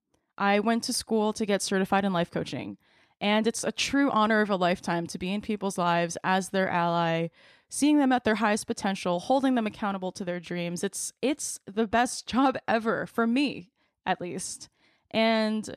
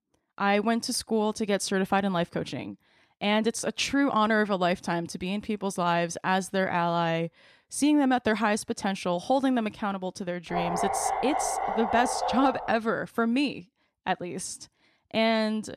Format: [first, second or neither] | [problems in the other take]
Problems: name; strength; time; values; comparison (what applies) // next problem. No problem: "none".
first | dog barking; noticeable; from 11 to 13 s; peak 1 dB below the speech